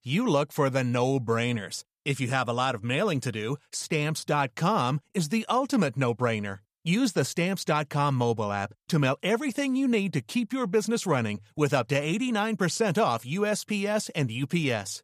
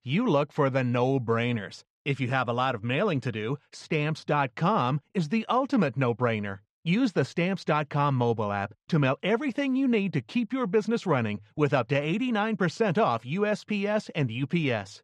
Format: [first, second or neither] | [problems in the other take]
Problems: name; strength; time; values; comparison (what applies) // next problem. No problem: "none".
first | muffled; slightly; fading above 3 kHz